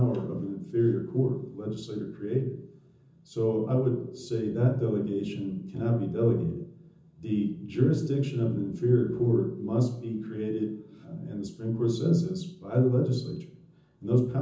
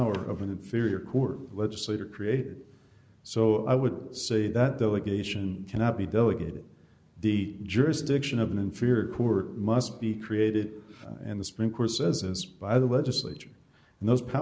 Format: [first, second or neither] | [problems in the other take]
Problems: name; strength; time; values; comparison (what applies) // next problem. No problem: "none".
second | room echo; dies away in 0.6 s